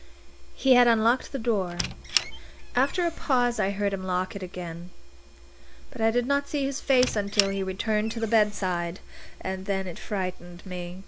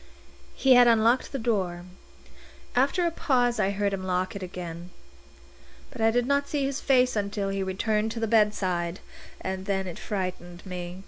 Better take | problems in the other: second | background sound (Squeak); 9 dB below the speech

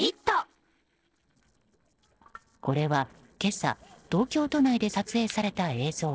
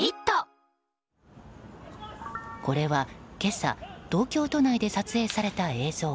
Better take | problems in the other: second | noise reduction (neural separator model SepFormer DNS4)

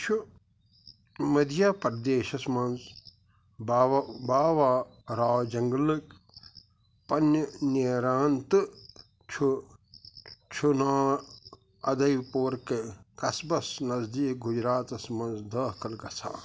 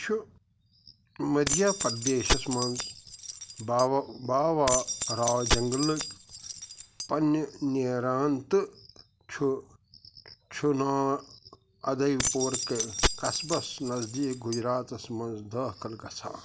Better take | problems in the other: first | background sound (Keys jangling); 2 dB below the speech

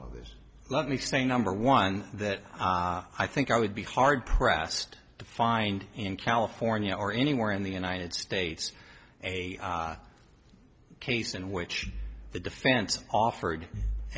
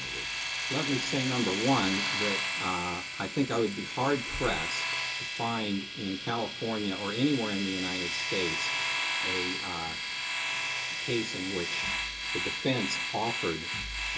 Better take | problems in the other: first | background sound (Domestic sounds, home sounds); 1 dB below the speech // room echo; dies away in 0.2 s

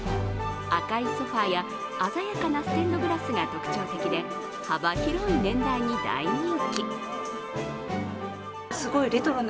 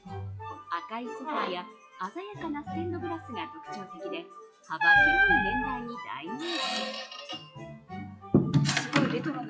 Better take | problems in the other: first | noise reduction (classical method log-MMSE)

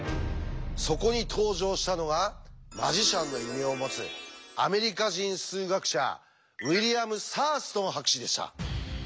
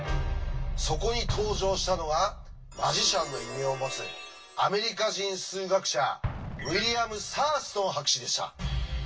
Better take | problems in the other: first | background sound (Explosion); 14 dB below the speech // room echo; dies away in 0.1 s

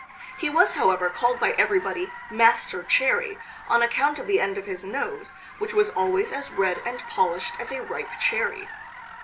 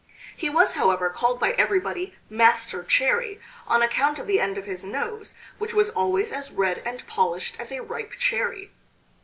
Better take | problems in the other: second | background sound (Car); 15 dB below the speech

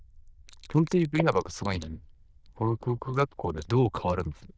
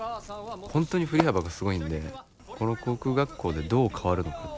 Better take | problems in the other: second | noise reduction (neural diffusion model UNIVERSE++)

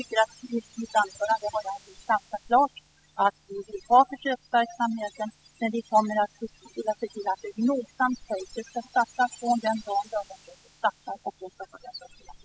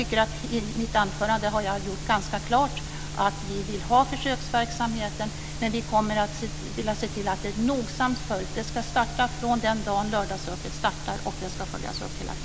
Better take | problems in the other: second | noise reduction (classical method spectral subtraction)

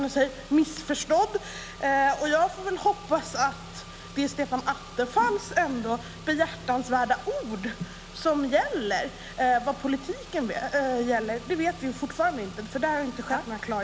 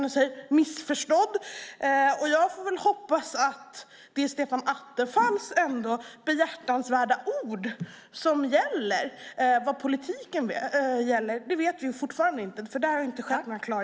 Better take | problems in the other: second | background sound (Engine / Car); 16 dB below the speech

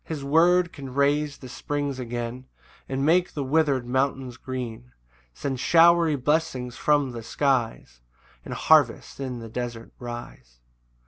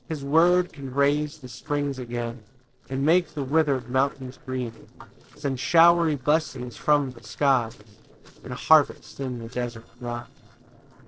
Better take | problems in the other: first | noise reduction (neural separator model SepFormer DNS4)

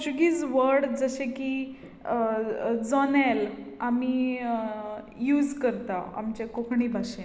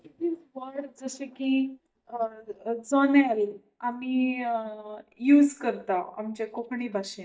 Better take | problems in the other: first | noise reduction (neural mask model DeepFilterNet 3)

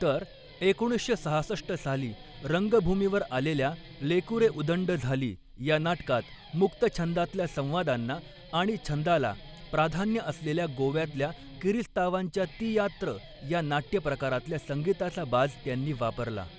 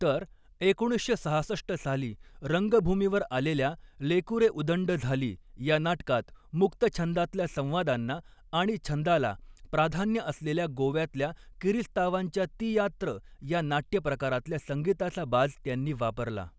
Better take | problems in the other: second | background sound (Guitar); 19 dB below the speech

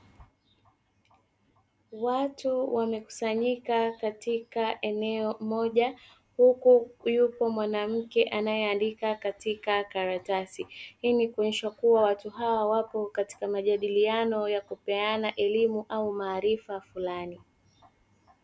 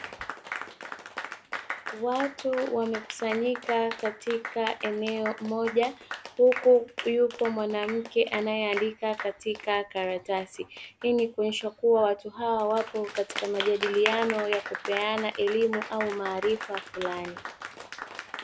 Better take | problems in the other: first | background sound (Applause); 10 dB below the speech

